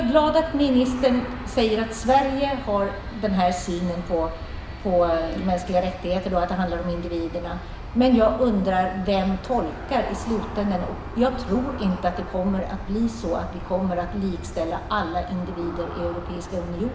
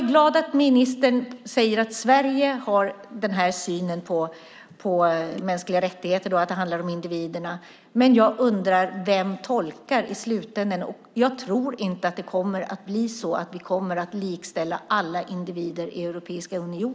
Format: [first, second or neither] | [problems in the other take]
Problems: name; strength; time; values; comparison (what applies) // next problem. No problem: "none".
second | background sound (Aircraft); 10 dB below the speech // room echo; dies away in 0.8 s